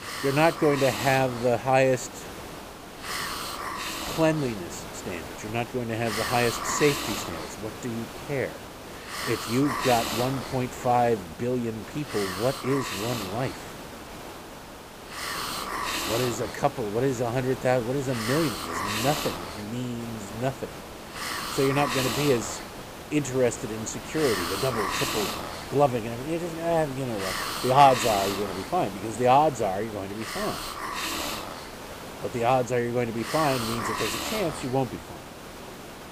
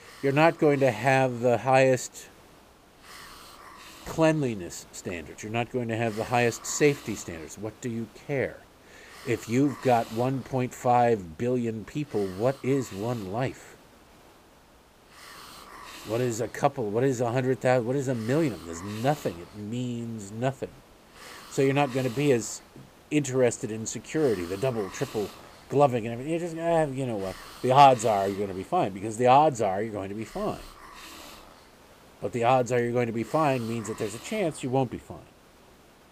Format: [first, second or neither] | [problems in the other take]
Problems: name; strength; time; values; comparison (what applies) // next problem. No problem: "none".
second | hiss; loud; throughout; 6 dB below the speech; faint in the second